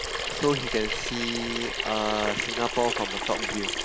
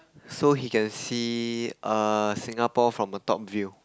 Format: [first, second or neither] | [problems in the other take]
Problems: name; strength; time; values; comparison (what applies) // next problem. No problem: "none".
second | background sound (Sink (filling or washing) / Water tap, faucet); 1 dB below the speech